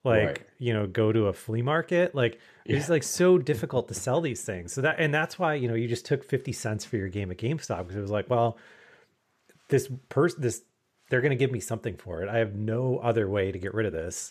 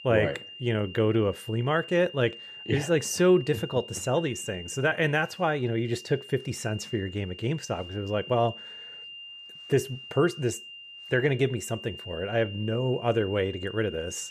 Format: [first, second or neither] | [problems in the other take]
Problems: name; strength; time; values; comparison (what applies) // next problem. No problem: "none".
first | high-pitched whine; noticeable; throughout; 3 kHz, 15 dB below the speech